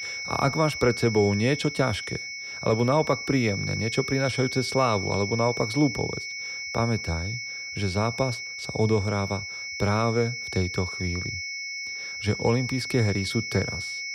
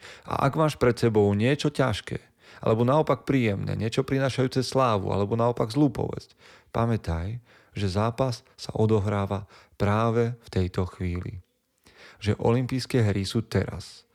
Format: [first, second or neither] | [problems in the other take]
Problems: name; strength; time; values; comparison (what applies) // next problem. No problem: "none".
second | high-pitched whine; loud; throughout; 2 kHz, 5 dB below the speech